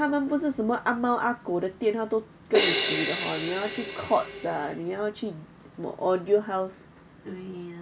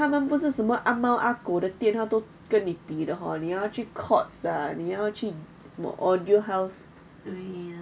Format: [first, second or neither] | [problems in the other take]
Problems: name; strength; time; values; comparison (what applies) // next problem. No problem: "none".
second | background sound (Crash cymbal); 2 dB below the speech